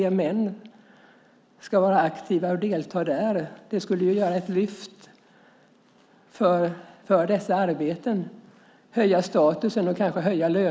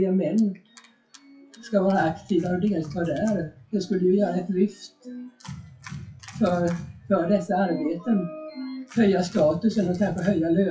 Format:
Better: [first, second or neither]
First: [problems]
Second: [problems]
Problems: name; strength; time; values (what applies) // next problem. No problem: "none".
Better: first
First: none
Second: noise reduction (classical method WPE with log-MMSE)